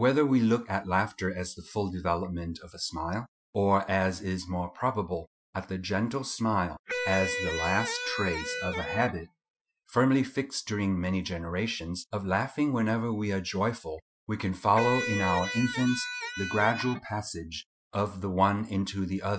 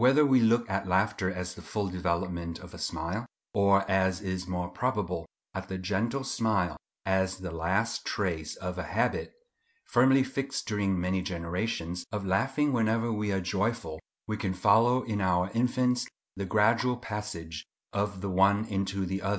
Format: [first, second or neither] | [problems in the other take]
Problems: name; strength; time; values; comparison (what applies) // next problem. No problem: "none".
second | noise reduction (classical method Wiener filter)